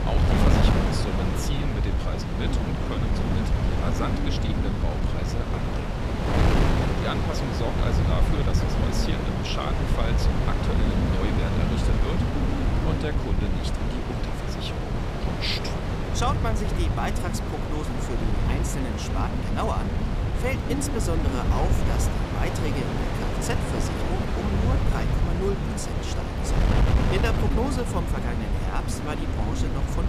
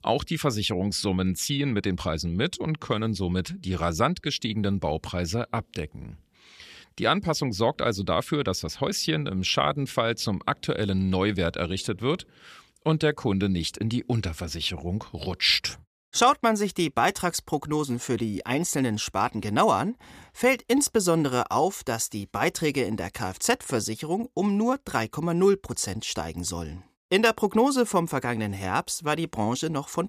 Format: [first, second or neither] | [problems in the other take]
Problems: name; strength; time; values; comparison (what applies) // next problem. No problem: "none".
second | wind noise on the microphone; heavy; 2 dB above the speech